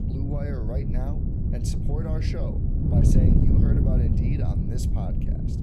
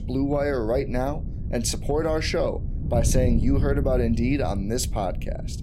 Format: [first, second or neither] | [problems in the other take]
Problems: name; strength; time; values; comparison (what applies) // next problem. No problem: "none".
second | wind noise on the microphone; heavy; 3 dB above the speech; occasional gusts in the second